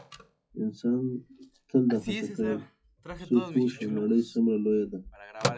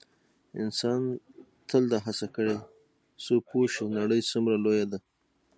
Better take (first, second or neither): second